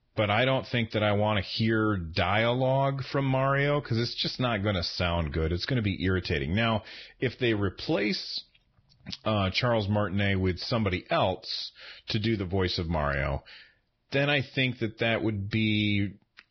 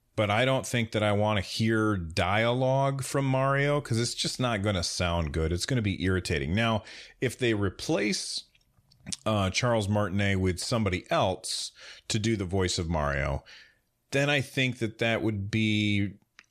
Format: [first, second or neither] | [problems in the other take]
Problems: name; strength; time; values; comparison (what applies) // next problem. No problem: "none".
second | garbled, watery; badly; nothing above 5.5 kHz